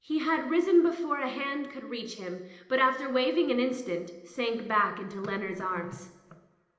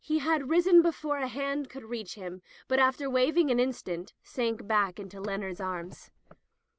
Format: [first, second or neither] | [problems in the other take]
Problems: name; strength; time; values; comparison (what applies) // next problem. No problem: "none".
second | room echo; dies away in 0.9 s